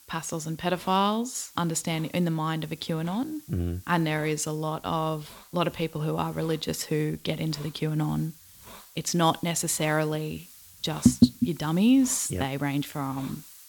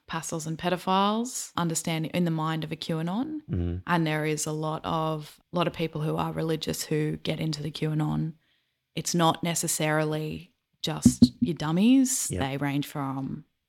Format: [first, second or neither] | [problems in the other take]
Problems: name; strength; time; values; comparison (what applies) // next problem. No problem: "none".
second | hiss; faint; throughout; 20 dB below the speech